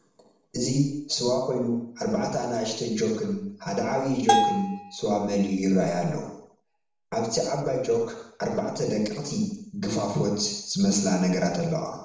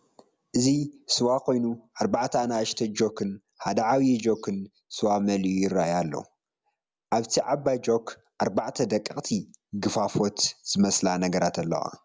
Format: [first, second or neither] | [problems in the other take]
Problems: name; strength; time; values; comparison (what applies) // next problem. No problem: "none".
second | background sound (Bell); as loud as the speech // room echo; dies away in 0.6 s